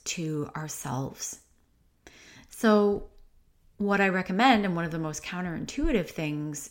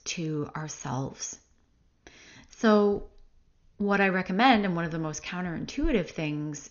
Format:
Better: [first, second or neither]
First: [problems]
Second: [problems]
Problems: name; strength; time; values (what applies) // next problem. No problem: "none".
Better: first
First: none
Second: garbled, watery; slightly; nothing above 6.5 kHz